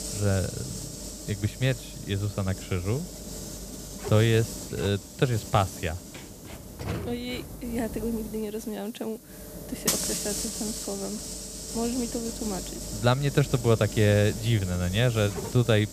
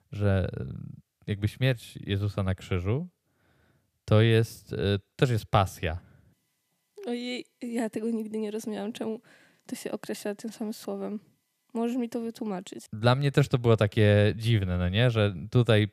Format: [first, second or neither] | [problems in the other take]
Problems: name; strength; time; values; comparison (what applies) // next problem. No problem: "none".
second | hiss; loud; throughout; 7 dB below the speech